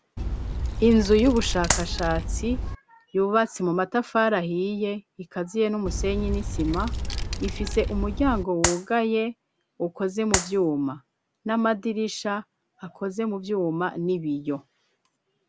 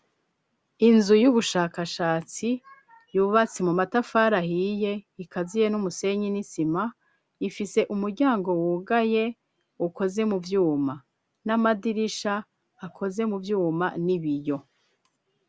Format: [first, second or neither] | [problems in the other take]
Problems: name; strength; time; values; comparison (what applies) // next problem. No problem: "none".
second | background sound (Clapping + Wind); 2 dB below the speech